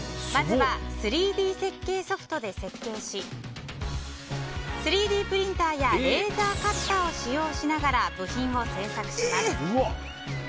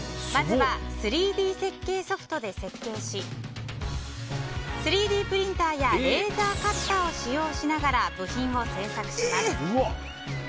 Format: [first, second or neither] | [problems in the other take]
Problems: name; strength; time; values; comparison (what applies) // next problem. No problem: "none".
first | background sound (Bass guitar); 12 dB below the speech